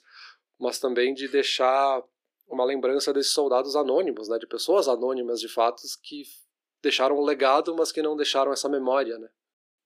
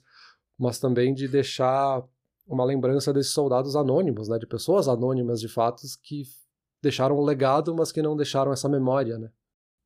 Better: second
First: thin; somewhat; fading below 300 Hz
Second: none

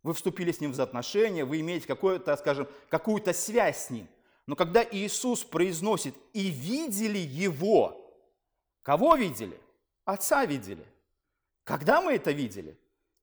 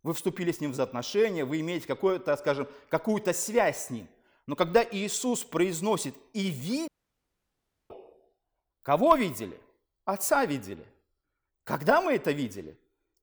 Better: first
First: none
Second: audio cutting out; at 7 s for 1 s

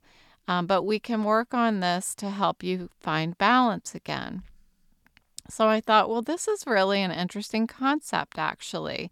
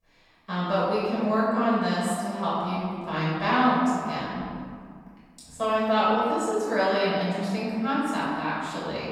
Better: first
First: none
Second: off-mic speech; far // room echo; strong; dies away in 2.1 s

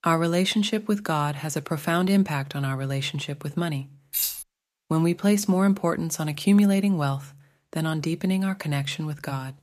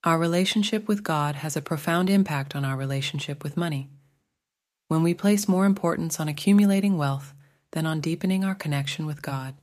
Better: second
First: jangling keys; noticeable; at 4 s; peak 1 dB below the speech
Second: none

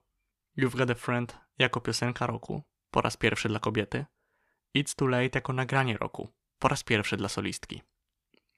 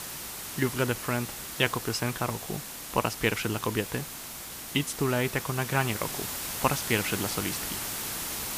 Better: first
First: none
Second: hiss; loud; throughout; 4 dB below the speech

